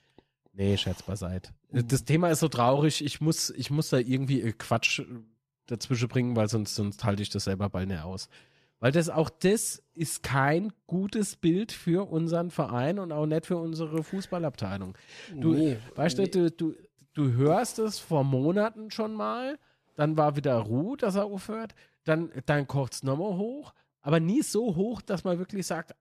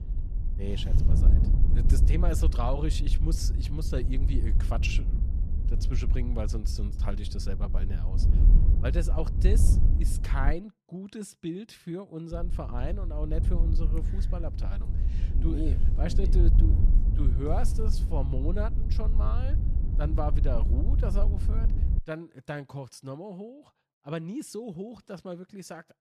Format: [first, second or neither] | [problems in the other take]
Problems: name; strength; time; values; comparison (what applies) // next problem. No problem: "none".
first | wind noise on the microphone; heavy; until 11 s and from 12 to 22 s; 6 dB below the speech